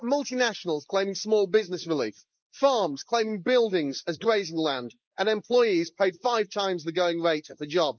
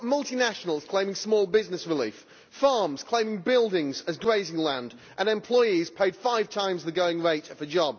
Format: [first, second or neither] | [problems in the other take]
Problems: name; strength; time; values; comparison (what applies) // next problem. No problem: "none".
second | noise reduction (neural mask model Resemble Enhance denoiser)